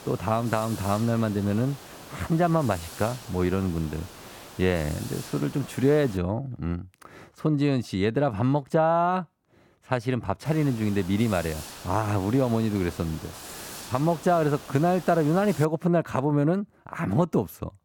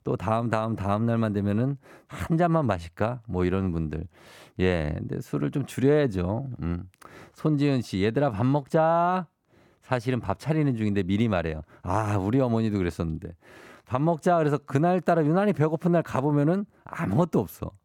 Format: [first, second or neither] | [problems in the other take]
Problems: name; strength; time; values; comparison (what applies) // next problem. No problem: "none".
second | hiss; noticeable; until 6 s and from 10 to 16 s; 15 dB below the speech